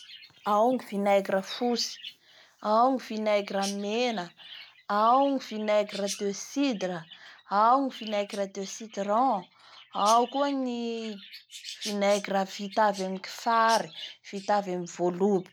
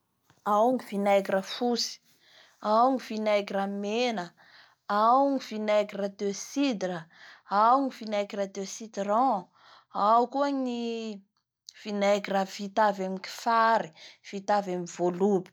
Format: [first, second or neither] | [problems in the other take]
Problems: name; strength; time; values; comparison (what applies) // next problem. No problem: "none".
second | background sound (Chirp, tweet); 18 dB below the speech